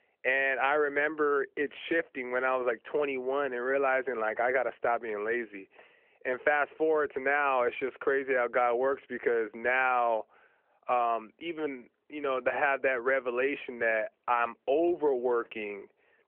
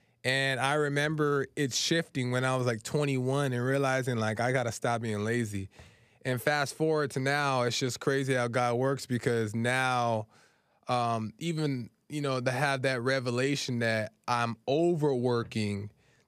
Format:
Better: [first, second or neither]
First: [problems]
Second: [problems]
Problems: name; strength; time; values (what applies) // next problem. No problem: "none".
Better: second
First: phone-call audio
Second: none